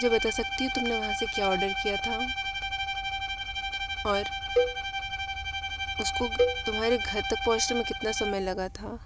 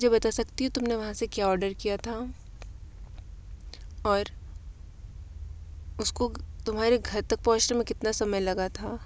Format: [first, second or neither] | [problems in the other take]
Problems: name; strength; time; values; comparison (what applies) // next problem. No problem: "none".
second | background sound (Bowed string instrument + Cowbell); as loud as the speech